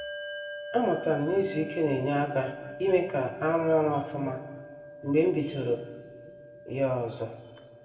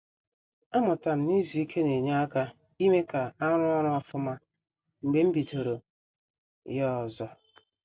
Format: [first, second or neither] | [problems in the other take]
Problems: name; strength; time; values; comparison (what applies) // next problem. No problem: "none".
second | background sound (Bell); 13 dB below the speech // room echo; dies away in 1.7 s